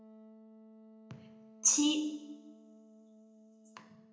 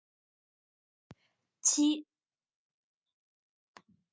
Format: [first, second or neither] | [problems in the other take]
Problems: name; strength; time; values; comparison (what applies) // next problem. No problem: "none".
second | background sound (Wind instrument, woodwind instrument); 19 dB below the speech // room echo; dies away in 0.8 s